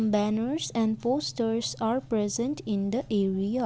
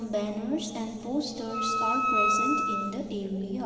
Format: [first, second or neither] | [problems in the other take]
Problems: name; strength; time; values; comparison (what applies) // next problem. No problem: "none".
first | background sound (Wind instrument, woodwind instrument); 2 dB above the speech // room echo; dies away in 2.7 s